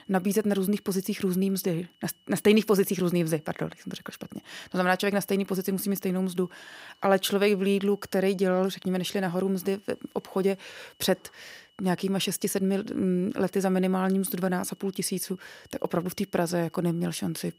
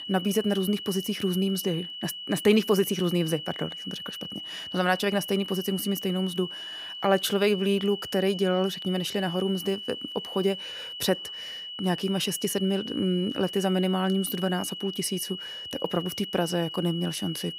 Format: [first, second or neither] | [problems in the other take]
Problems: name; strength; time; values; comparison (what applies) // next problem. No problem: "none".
first | high-pitched whine; loud; throughout; 3 kHz, 8 dB below the speech; faint in the first